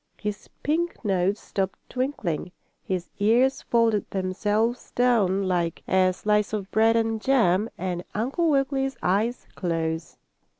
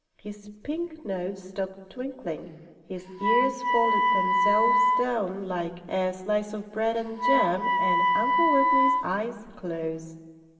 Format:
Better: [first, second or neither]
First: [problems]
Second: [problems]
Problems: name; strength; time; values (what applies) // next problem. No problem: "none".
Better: first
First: none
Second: background sound (Wind instrument, woodwind instrument); 4 dB above the speech // room echo; dies away in 2.1 s